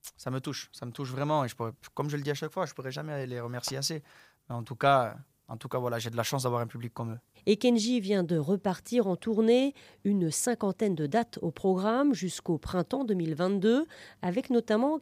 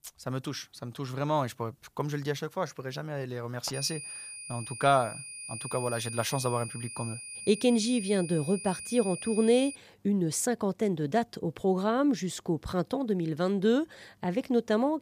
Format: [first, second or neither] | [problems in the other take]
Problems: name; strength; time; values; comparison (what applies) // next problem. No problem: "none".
first | high-pitched whine; loud; from 3.5 to 10 s; 9.5 kHz, 9 dB below the speech